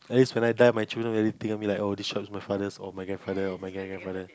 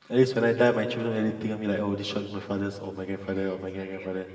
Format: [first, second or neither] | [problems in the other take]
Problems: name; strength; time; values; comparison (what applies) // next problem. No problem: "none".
first | room echo; dies away in 2.7 s